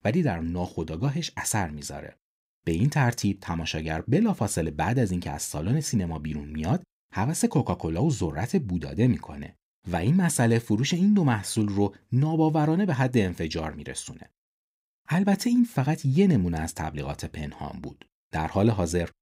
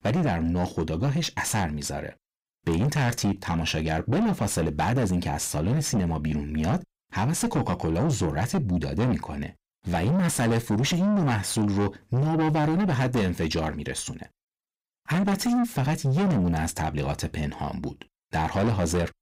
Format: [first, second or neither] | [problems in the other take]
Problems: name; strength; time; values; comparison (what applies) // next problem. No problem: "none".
first | distortion; heavy; 6 dB below the speech